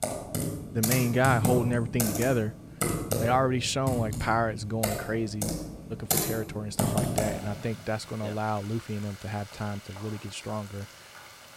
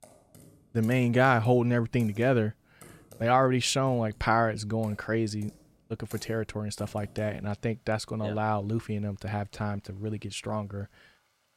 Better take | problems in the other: second | household noises; loud; throughout; 1 dB below the speech; faint in the second

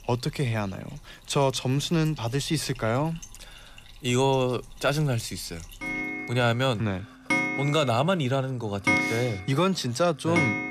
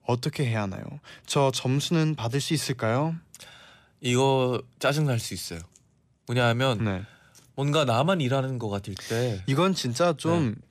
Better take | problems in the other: second | household noises; loud; throughout; 2 dB below the speech

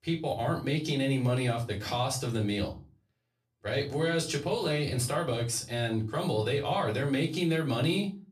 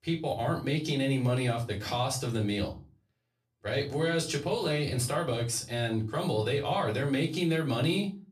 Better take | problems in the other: neither | off-mic speech; far; the same in both // room echo; very slight; dies away in 0.3 s; the same in both

